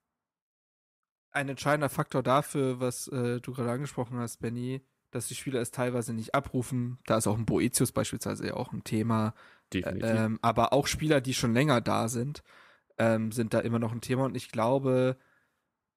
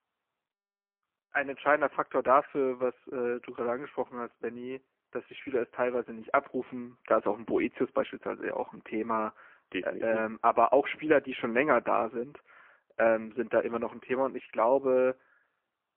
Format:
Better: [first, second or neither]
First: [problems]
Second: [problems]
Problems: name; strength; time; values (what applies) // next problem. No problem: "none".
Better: first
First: none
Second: phone-call audio; poor line